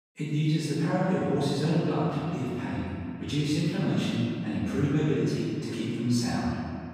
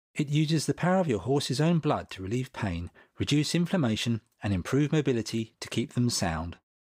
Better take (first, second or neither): second